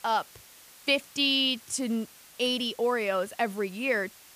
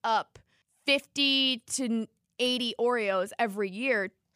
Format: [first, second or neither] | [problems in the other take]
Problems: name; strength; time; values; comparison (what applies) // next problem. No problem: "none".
second | hiss; faint; throughout; 20 dB below the speech